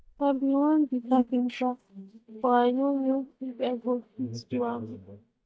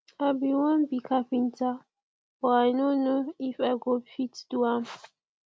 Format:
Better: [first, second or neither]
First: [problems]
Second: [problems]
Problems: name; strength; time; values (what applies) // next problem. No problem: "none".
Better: second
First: noise reduction (neural mask model DeepFilterNet 3)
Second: none